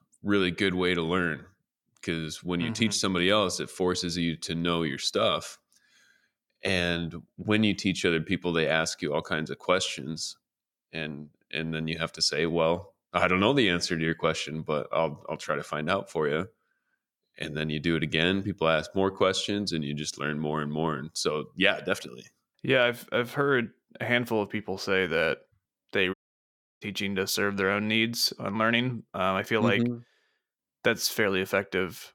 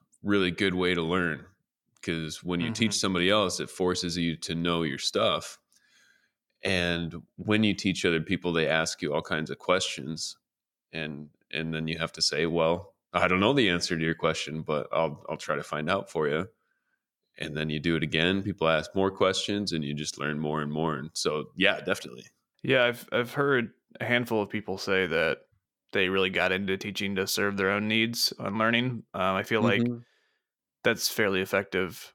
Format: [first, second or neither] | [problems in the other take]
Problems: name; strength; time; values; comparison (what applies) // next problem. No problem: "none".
second | audio cutting out; at 26 s for 0.5 s